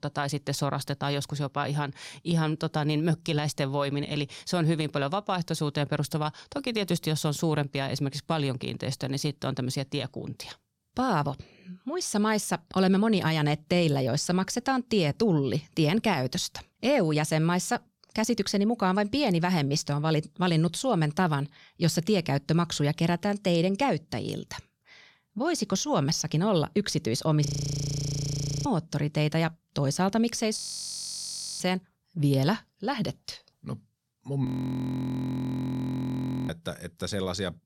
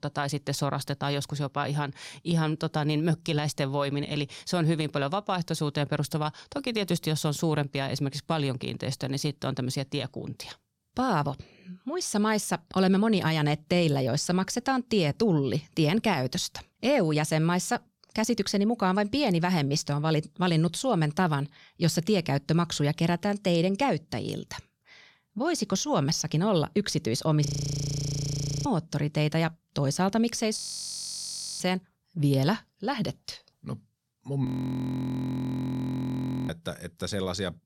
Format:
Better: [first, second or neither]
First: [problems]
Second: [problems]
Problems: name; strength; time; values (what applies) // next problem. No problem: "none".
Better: neither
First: audio freezing; at 27 s for 1 s, at 31 s for 1 s and at 34 s for 2 s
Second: audio freezing; at 27 s for 1 s, at 31 s for 1 s and at 34 s for 2 s